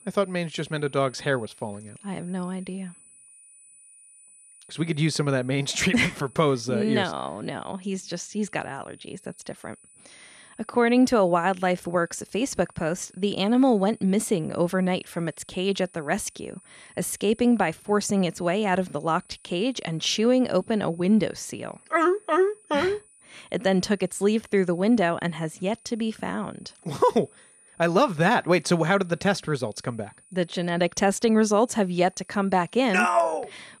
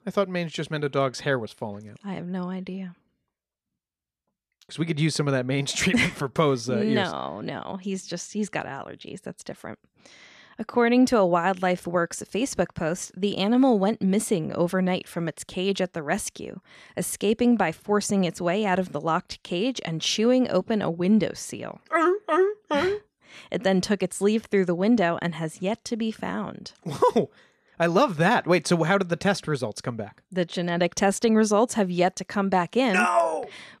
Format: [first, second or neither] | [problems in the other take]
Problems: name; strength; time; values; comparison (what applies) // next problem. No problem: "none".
second | high-pitched whine; faint; throughout; 9.5 kHz, 25 dB below the speech